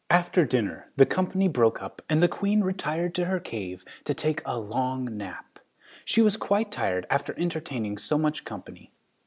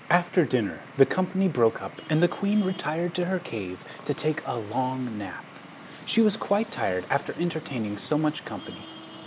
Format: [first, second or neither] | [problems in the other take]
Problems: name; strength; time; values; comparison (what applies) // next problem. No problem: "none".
first | background sound (Traffic noise, roadway noise); 17 dB below the speech